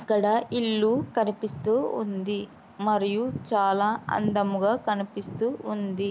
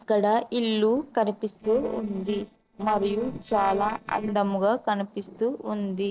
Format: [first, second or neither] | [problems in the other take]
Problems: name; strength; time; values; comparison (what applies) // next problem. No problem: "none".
first | noise reduction (neural separator model SepFormer DNS4)